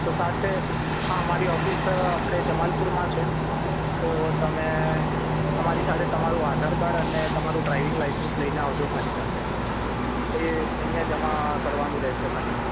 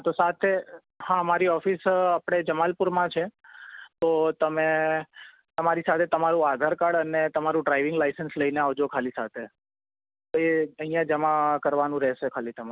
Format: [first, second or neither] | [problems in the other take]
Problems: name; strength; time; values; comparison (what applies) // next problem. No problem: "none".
second | background sound (Cricket); 4 dB above the speech